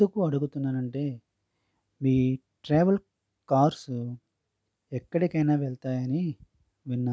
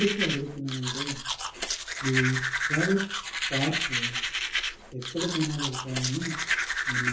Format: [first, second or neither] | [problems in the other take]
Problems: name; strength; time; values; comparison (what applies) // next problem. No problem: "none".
first | background sound (Domestic sounds, home sounds); 1 dB above the speech // room echo; dies away in 0.6 s